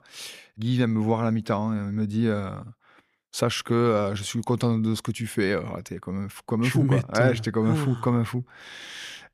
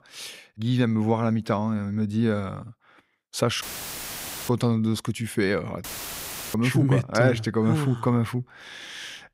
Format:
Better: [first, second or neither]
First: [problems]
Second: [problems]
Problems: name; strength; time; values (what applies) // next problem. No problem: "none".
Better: first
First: none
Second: audio cutting out; filled with static; at 3.5 s for 1 s and at 6 s for 0.5 s